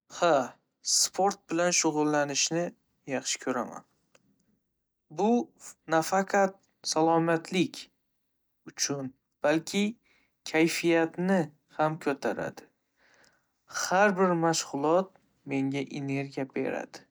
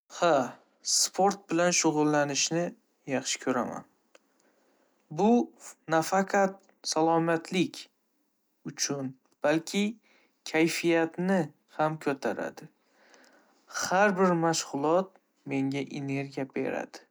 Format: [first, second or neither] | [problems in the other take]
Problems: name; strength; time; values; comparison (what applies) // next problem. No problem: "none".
second | noise reduction (neural mask model DeepFilterNet 3)